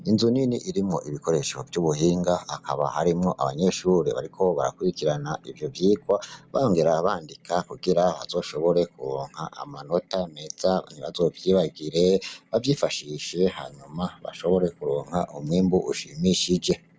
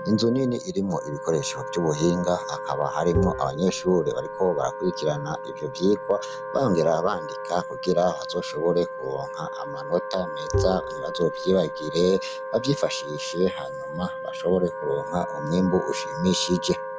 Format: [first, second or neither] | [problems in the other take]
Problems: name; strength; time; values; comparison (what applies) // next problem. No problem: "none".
first | background sound (Bowed string instrument + Wind instrument, woodwind instrument); 7 dB below the speech